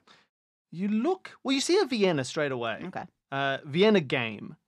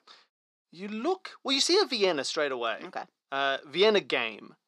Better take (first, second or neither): first